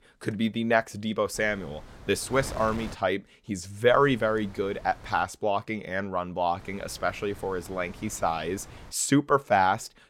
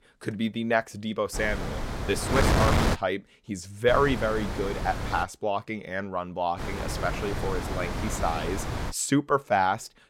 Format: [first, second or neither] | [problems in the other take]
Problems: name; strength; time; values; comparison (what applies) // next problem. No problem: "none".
first | wind noise on the microphone; heavy; from 1.5 to 3 s, from 4 to 5 s and from 6.5 to 9 s; 4 dB below the speech; occasional gusts in the first